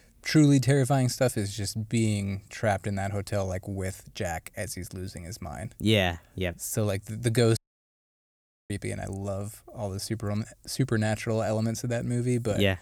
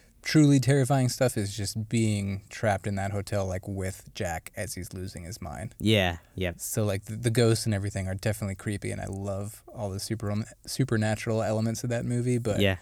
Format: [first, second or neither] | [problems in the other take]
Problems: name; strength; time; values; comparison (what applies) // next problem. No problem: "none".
second | audio cutting out; at 7.5 s for 1 s